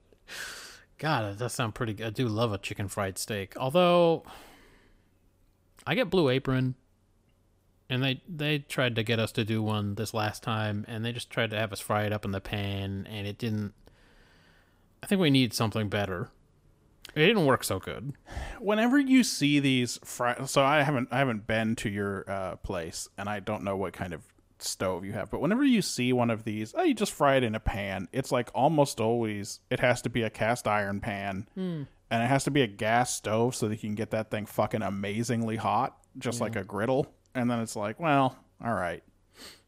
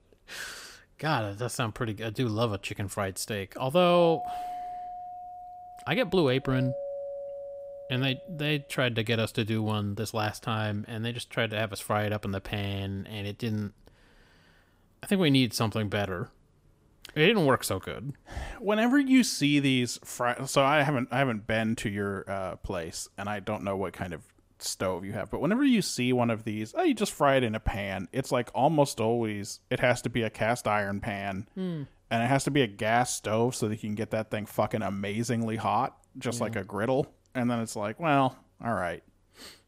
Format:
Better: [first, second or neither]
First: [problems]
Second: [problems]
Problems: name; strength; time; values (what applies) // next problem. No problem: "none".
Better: first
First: none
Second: doorbell; noticeable; from 4 to 8.5 s; peak 7 dB below the speech